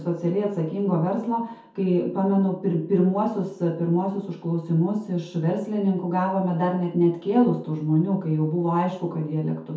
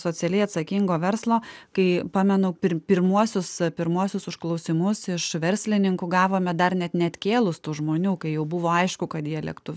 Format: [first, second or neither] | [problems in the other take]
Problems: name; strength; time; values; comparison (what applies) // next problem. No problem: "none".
second | room echo; dies away in 0.6 s